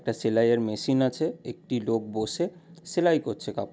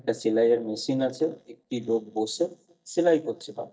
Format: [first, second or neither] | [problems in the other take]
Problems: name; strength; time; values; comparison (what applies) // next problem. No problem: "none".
first | noise reduction (neural mask model DeepFilterNet 3)